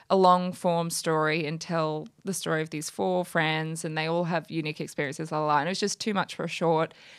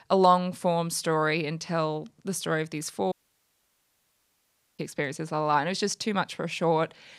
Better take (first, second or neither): first